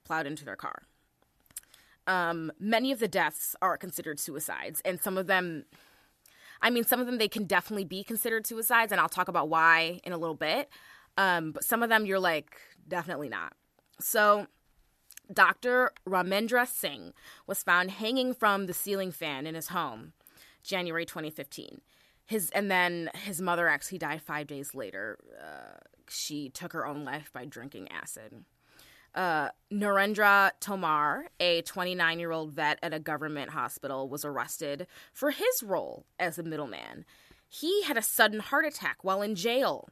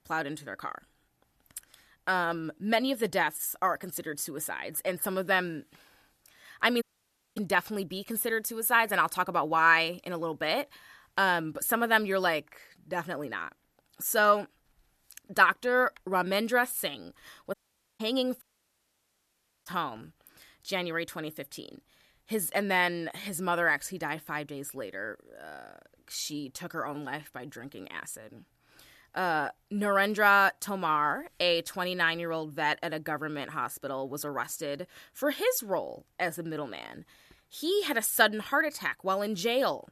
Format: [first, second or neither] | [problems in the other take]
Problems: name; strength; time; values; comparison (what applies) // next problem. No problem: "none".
first | audio cutting out; at 7 s for 0.5 s and at 18 s for 1 s